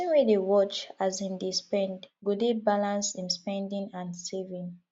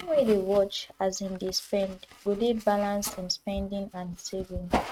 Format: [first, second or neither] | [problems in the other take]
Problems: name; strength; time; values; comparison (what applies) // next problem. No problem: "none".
first | noise reduction (neural mask model RNNoise)